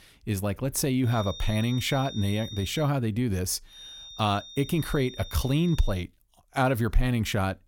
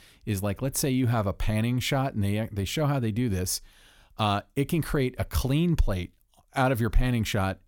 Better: second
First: high-pitched whine; noticeable; from 1 to 3 s and from 4 to 6 s; 3.5 kHz, 15 dB below the speech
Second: none

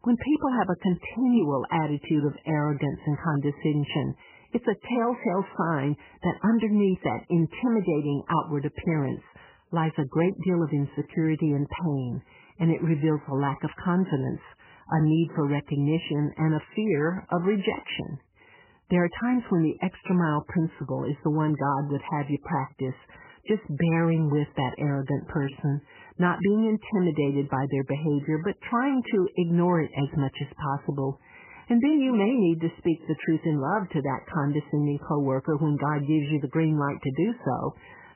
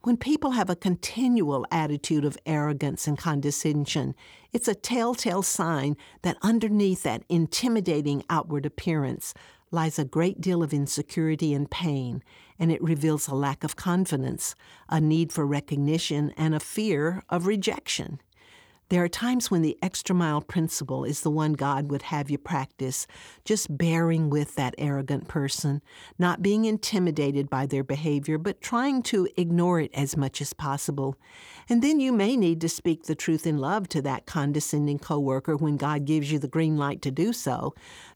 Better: second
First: garbled, watery; badly; nothing above 3 kHz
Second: none

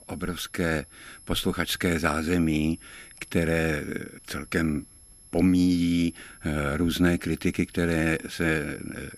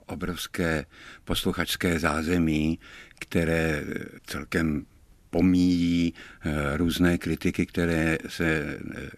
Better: second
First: high-pitched whine; faint; throughout; 11 kHz, 20 dB below the speech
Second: none

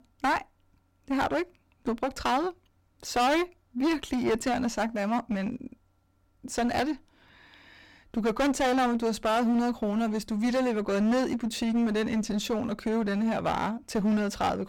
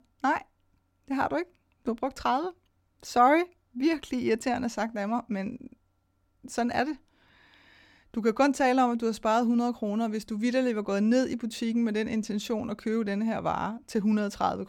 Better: second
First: distortion; heavy; 15% of the sound clipped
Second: none

